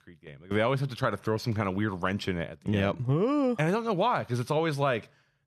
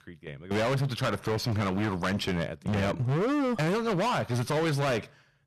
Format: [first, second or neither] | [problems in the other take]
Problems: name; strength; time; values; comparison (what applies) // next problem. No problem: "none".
first | distortion; heavy; 28% of the sound clipped